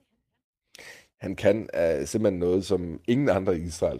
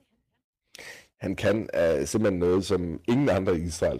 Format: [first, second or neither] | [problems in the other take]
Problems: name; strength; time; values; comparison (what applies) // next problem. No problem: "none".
first | distortion; slight; 8% of the sound clipped